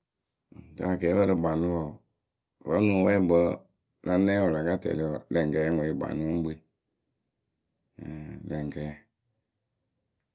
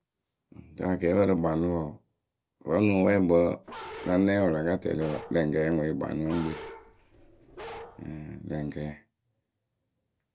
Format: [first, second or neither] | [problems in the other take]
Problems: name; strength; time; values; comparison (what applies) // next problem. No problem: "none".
first | background sound (Bark); 15 dB below the speech